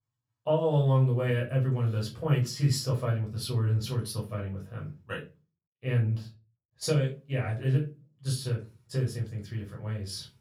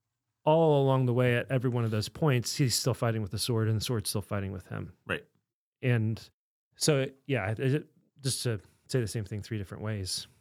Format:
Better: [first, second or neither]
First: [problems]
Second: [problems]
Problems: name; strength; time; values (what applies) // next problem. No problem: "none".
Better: second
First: off-mic speech; far // room echo; very slight; dies away in 0.3 s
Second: none